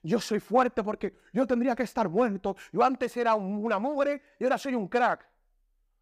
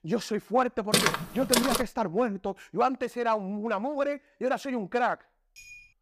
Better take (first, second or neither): first